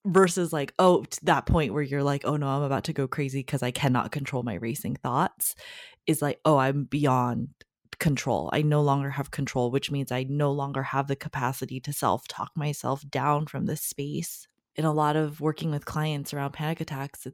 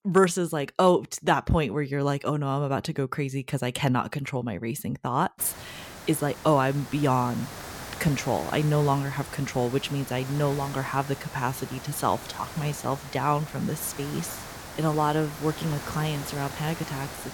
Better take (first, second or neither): first